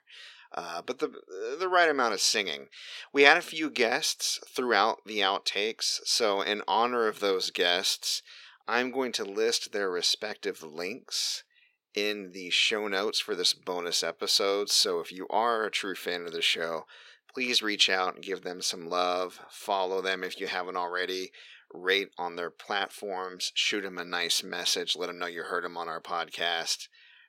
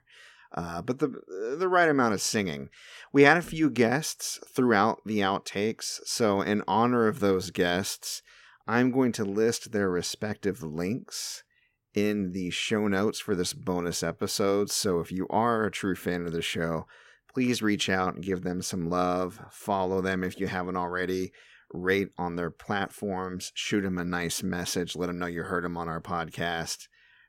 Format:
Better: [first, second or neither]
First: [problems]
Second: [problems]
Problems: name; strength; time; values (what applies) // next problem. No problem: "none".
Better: second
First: thin; somewhat; fading below 500 Hz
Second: none